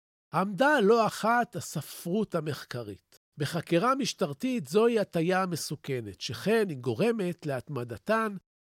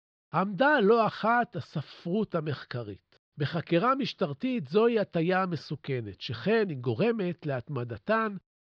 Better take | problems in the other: first | muffled; very slightly; fading above 4.5 kHz

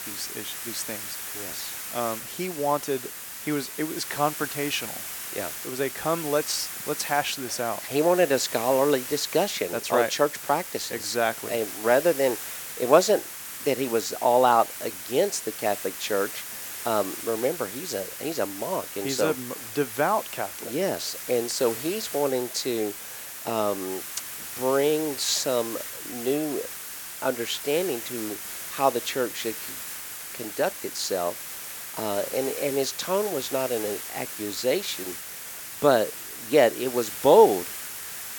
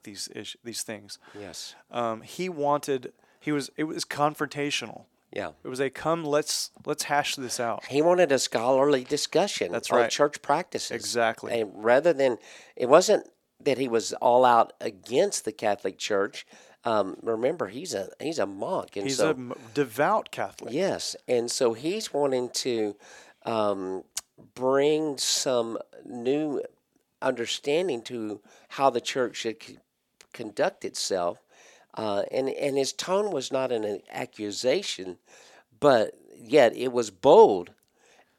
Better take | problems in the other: second | hiss; loud; throughout; 8 dB below the speech

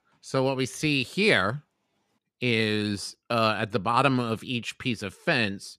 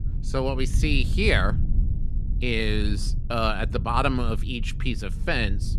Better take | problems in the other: first | low rumble; noticeable; throughout; 15 dB below the speech

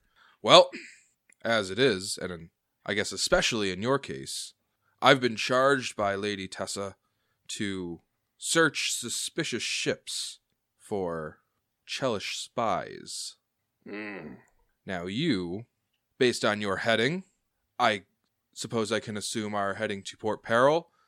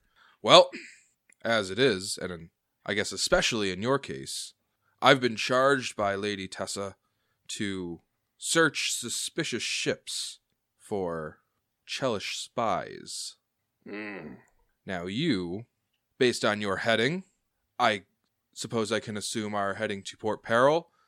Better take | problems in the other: neither | none

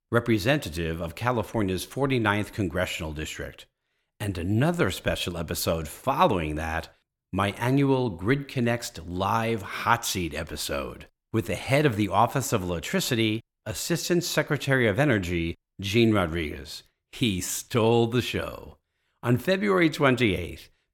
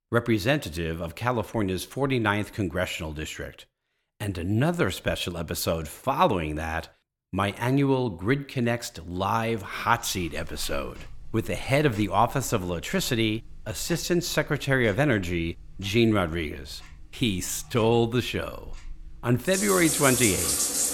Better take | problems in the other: first | household noises; very loud; from 9.5 s on; 2 dB above the speech

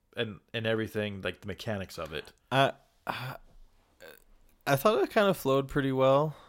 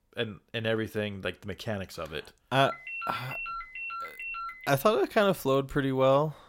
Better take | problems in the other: first | phone ringing; noticeable; from 2.5 to 4.5 s; peak 6 dB below the speech

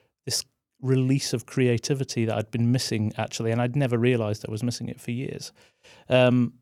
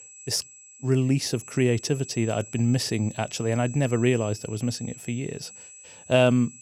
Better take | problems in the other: first | high-pitched whine; noticeable; throughout; 7.5 kHz, 15 dB below the speech

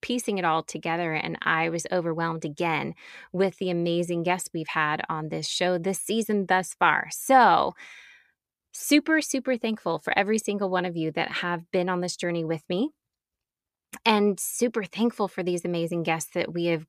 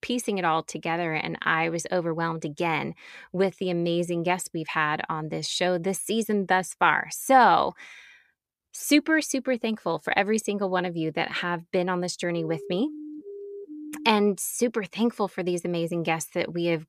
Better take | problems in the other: first | siren; faint; from 12 to 14 s; peak 15 dB below the speech

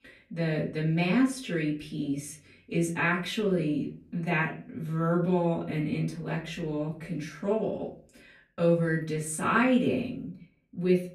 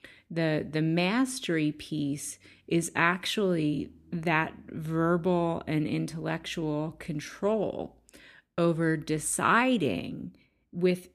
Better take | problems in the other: second | off-mic speech; far // room echo; very slight; dies away in 0.4 s

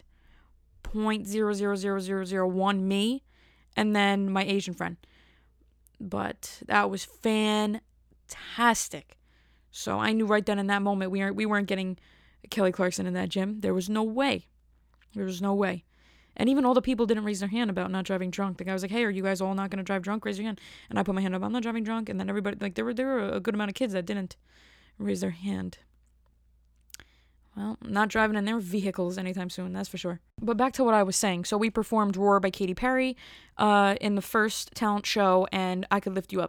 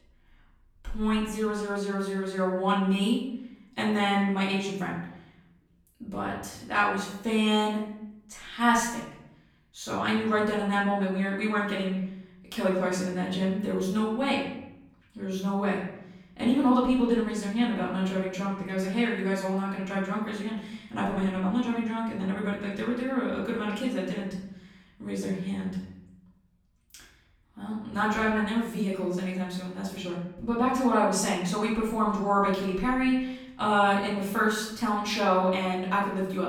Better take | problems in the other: first | off-mic speech; far // room echo; noticeable; dies away in 0.8 s

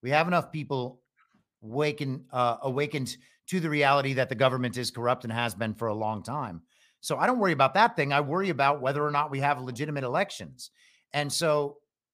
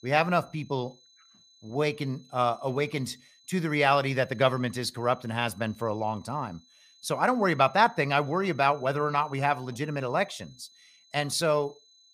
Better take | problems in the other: first | high-pitched whine; faint; throughout; 4 kHz, 30 dB below the speech

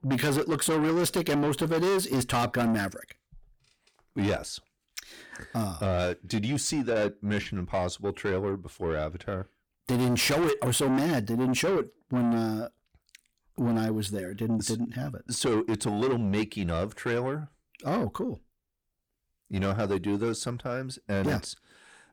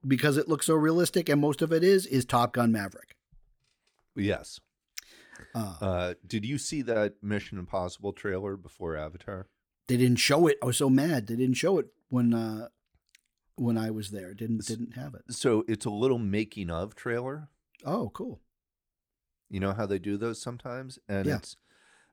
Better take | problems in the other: second | distortion; heavy; 7 dB below the speech

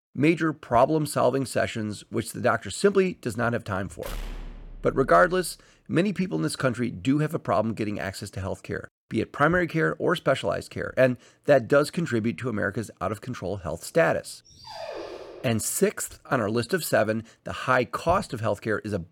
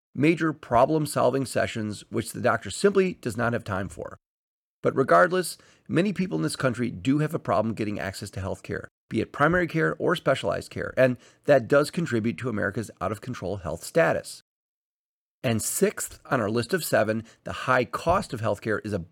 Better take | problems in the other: second | door banging; faint; from 4 to 5.5 s; peak 15 dB below the speech // dog barking; faint; at 15 s; peak 10 dB below the speech

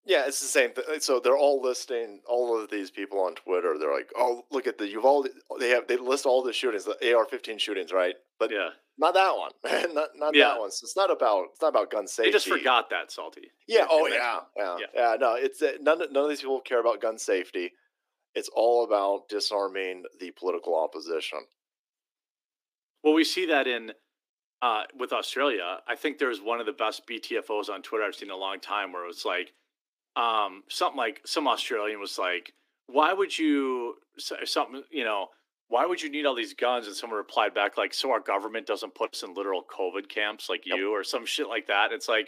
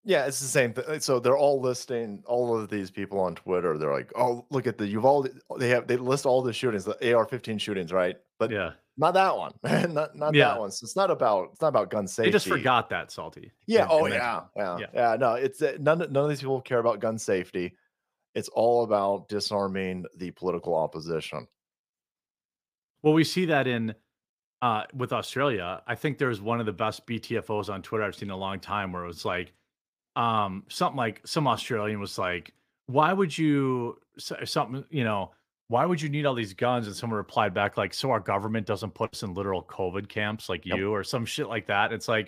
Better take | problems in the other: second | thin; somewhat; fading below 300 Hz

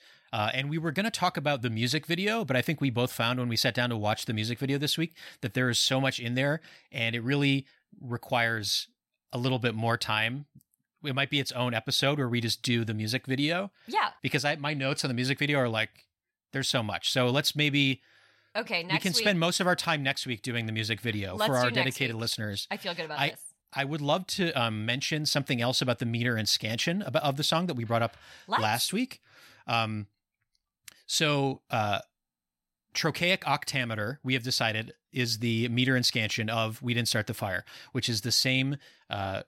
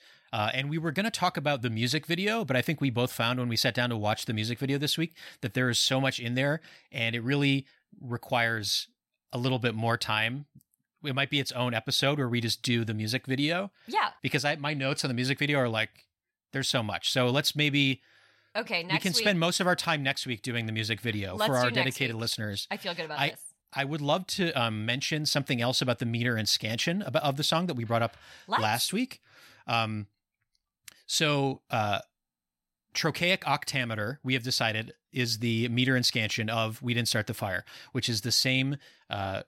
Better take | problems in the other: neither | none

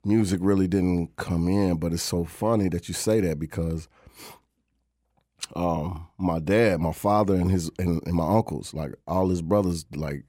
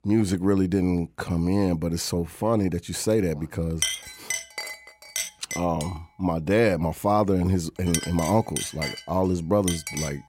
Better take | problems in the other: first | clattering dishes; noticeable; from 4 s on; peak 1 dB below the speech

